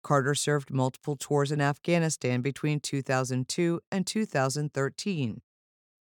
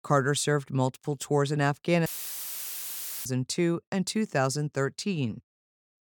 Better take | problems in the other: first | audio cutting out; filled with static; at 2 s for 1 s

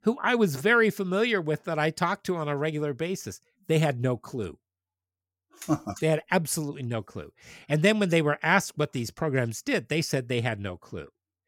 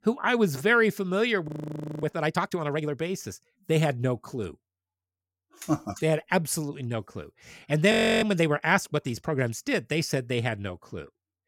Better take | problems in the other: first | audio freezing; at 1.5 s for 0.5 s and at 8 s

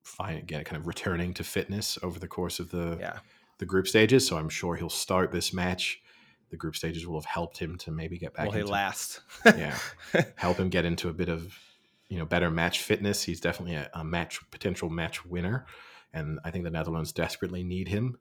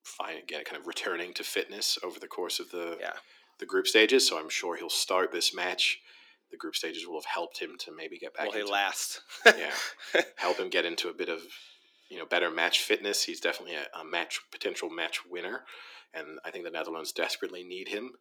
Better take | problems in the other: first | thin; very; fading below 300 Hz

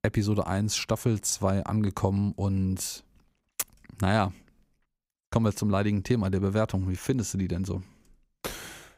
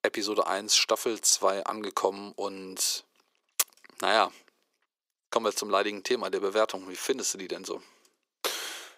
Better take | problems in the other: first | thin; very; fading below 400 Hz

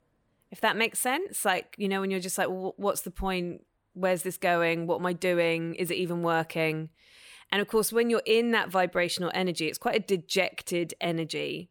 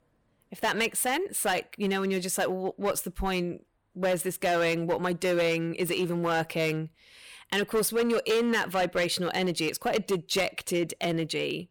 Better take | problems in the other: first | distortion; slight; 9% of the sound clipped

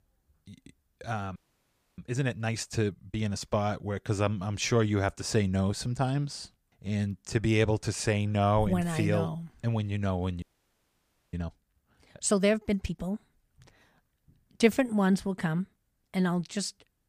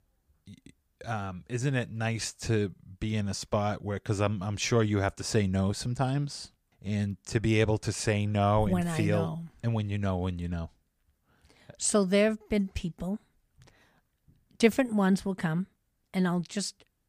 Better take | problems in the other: second | audio freezing; at 1.5 s for 0.5 s and at 10 s for 1 s

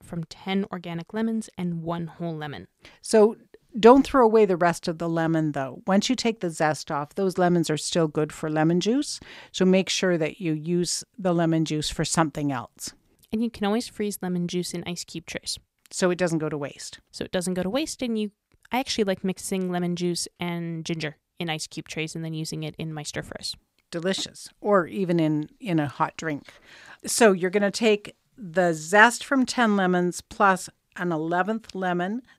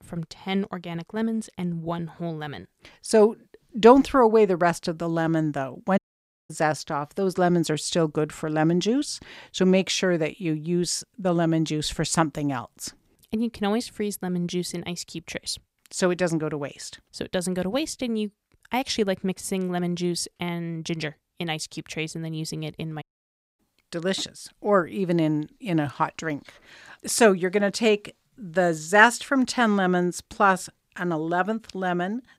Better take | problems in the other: first | audio cutting out; at 6 s for 0.5 s and at 23 s for 0.5 s

